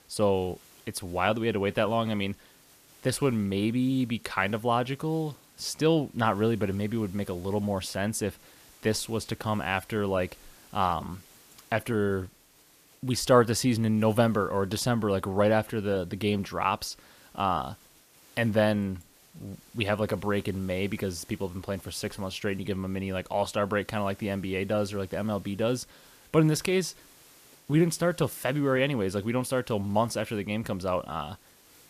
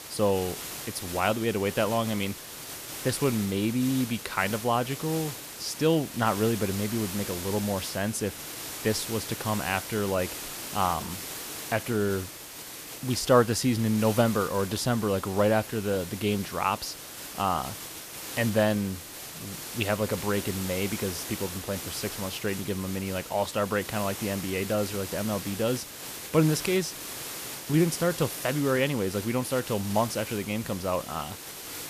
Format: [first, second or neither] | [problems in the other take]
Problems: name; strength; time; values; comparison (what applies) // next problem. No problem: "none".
first | hiss; loud; throughout; 8 dB below the speech; faint in the first